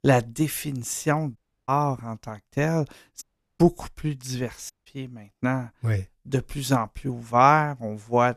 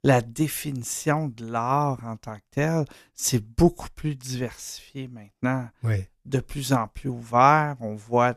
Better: second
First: audio cutting out; at 1.5 s, at 3 s and at 4.5 s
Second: none

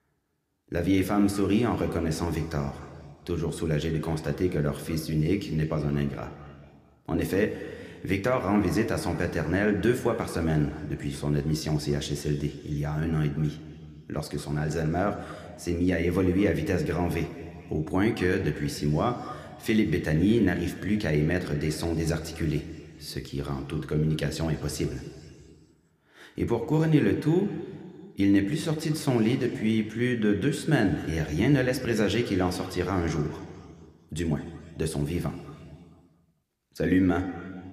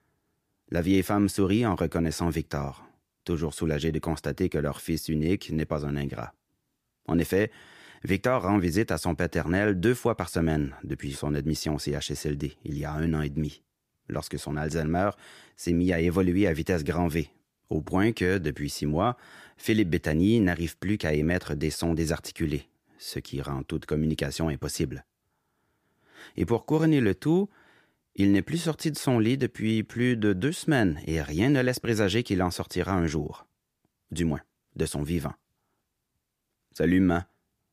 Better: second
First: room echo; very slight; dies away in 2.3 s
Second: none

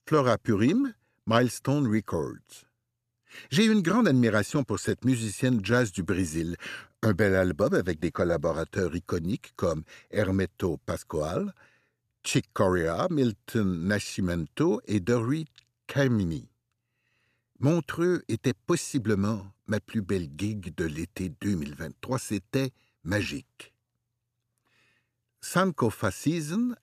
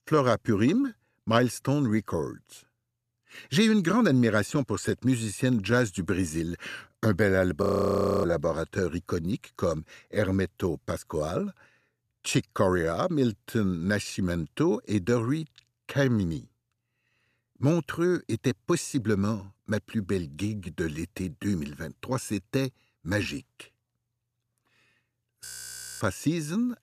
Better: first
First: none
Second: audio freezing; at 7.5 s for 0.5 s and at 25 s for 0.5 s

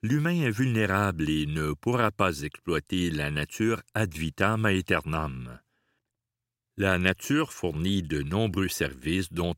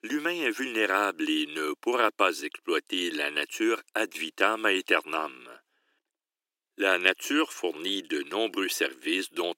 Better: first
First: none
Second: thin; somewhat; fading below 300 Hz

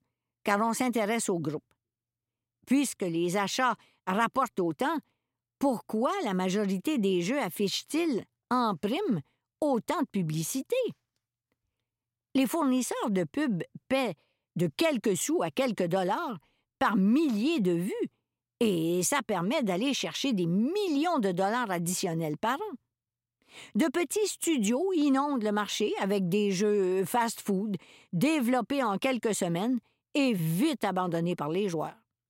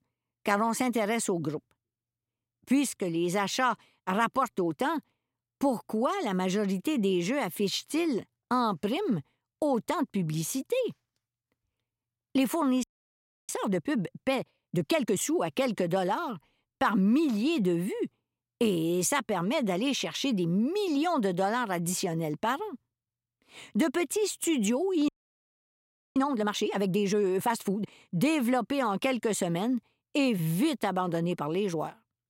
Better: first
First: none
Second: audio freezing; at 13 s for 0.5 s and at 25 s for 1 s

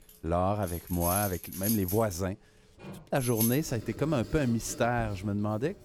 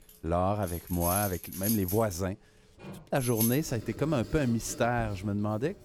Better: neither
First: household noises; loud; throughout; 6 dB below the speech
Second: household noises; loud; throughout; 6 dB below the speech

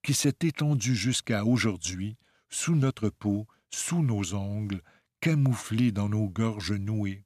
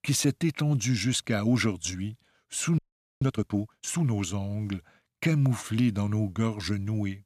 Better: first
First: none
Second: audio freezing; at 3 s

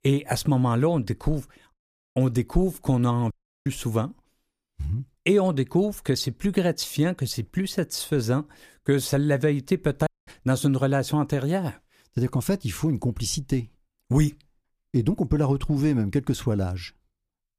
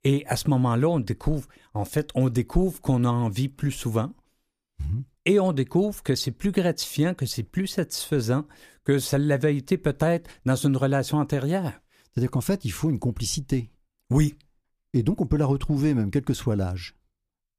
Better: second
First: audio cutting out; at 1.5 s, at 3.5 s and at 10 s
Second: none

